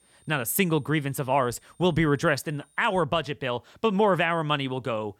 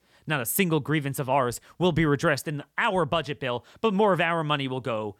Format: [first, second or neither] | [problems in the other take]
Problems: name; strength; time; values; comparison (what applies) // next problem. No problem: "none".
second | high-pitched whine; faint; until 3 s; 9 kHz, 35 dB below the speech